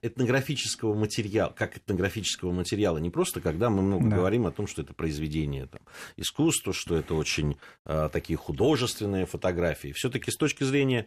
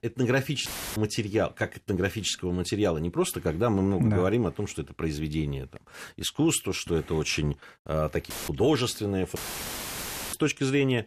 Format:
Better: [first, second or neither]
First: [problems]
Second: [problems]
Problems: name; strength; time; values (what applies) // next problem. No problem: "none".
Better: first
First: none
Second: audio cutting out; filled with static; at 0.5 s, at 8.5 s and at 9.5 s for 1 s